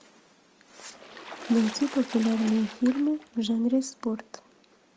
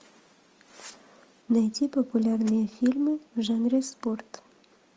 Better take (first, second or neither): second